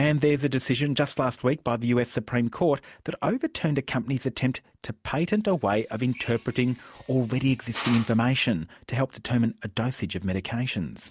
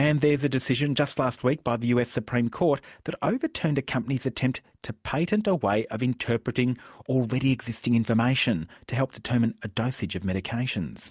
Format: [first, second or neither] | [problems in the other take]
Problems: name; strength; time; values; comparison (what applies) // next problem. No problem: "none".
second | background sound (Drill); 17 dB below the speech